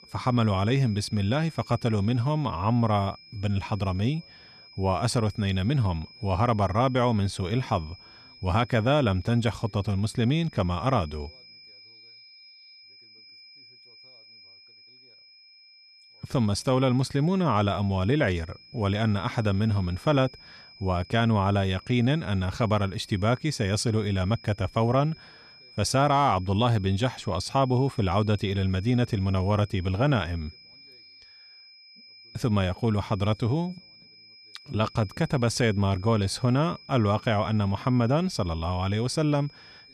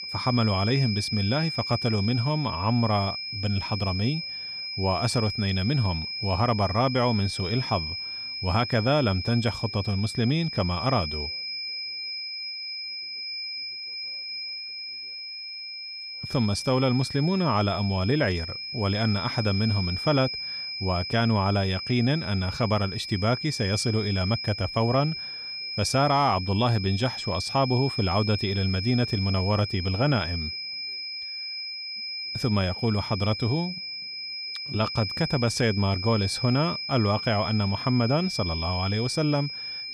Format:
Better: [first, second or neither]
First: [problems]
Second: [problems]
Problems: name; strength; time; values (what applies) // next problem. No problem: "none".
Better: first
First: high-pitched whine; faint; throughout; 5 kHz, 25 dB below the speech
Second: high-pitched whine; loud; throughout; 5 kHz, 6 dB below the speech